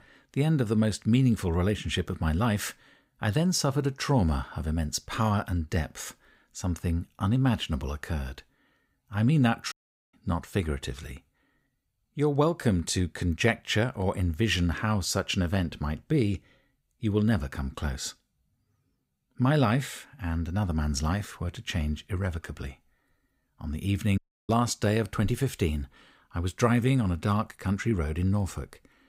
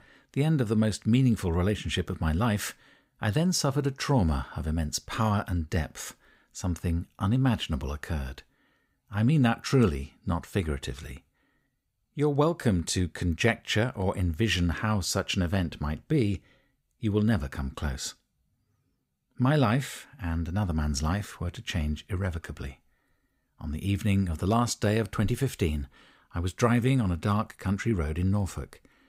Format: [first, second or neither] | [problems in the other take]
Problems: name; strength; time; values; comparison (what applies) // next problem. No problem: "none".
second | audio cutting out; at 9.5 s and at 24 s